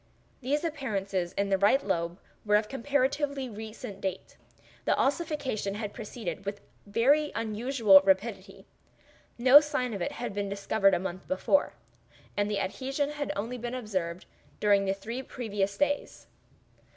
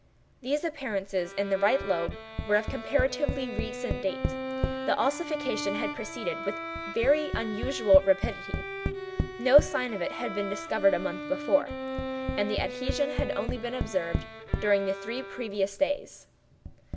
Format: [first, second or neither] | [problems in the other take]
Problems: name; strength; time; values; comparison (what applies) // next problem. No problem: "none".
first | background sound (Tap + Bowed string instrument); 5 dB below the speech